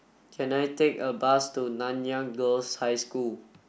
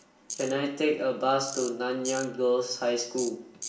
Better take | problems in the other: first | background sound (Tools); 14 dB below the speech // room echo; dies away in 0.7 s

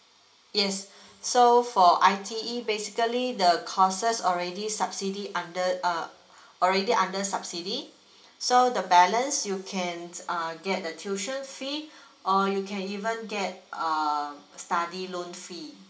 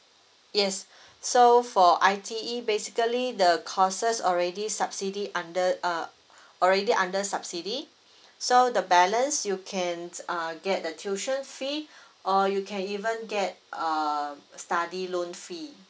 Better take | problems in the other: second | room echo; dies away in 1.3 s

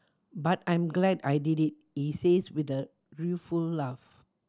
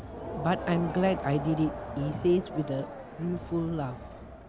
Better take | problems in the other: first | background sound (Crowd); 8 dB below the speech

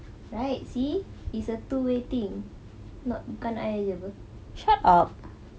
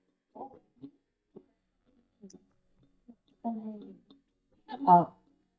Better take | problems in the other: first | noise reduction (neural mask model DeepFilterNet 3)

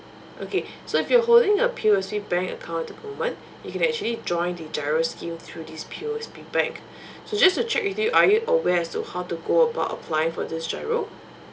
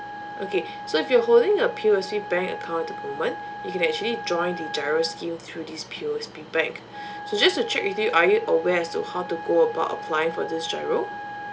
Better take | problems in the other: first | background sound (Wind instrument, woodwind instrument); 12 dB below the speech

